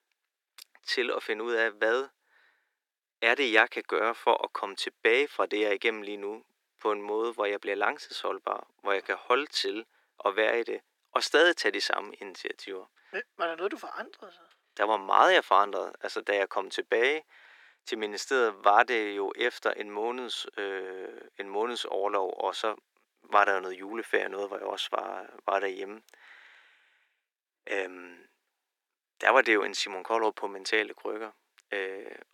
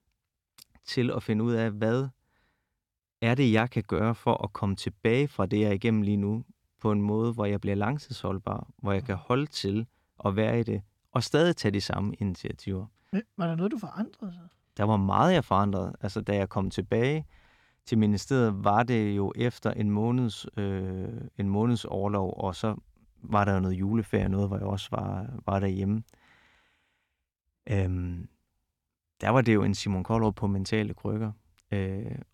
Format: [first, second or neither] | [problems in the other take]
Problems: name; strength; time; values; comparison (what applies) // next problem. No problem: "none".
second | thin; very; fading below 350 Hz